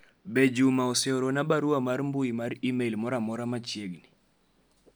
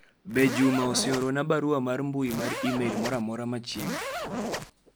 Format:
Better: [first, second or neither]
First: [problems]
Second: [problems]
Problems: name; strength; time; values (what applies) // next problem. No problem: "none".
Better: first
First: none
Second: background sound (Zipper (clothing)); 5 dB below the speech